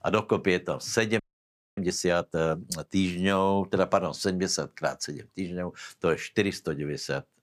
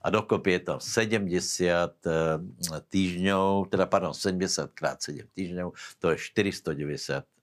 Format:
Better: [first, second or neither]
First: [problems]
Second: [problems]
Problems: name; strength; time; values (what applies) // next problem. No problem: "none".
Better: second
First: audio freezing; at 1 s for 0.5 s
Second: none